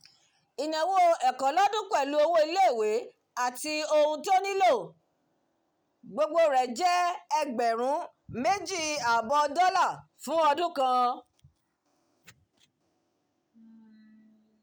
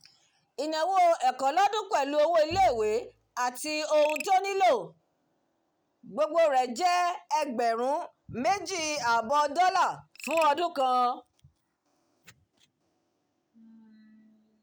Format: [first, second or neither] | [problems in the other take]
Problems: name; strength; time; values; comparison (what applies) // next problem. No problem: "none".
first | background sound (Frog + Bowed string instrument); 18 dB below the speech